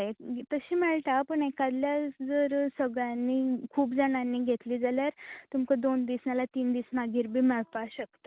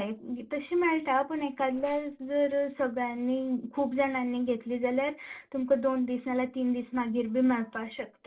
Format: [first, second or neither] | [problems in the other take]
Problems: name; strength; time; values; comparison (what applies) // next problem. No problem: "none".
first | noise reduction (neural separator model SepFormer DNS4)